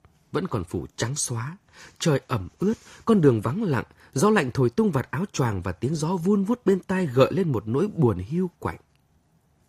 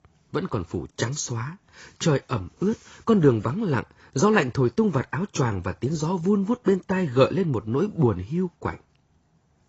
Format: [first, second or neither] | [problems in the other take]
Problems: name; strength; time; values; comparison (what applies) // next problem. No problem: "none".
first | garbled, watery; badly; nothing above 7.5 kHz; slightly in the first